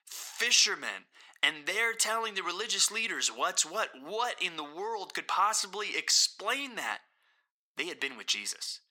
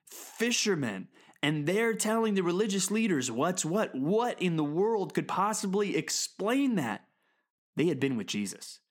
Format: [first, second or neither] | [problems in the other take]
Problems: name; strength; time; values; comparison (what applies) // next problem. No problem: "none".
second | thin; very; fading below 800 Hz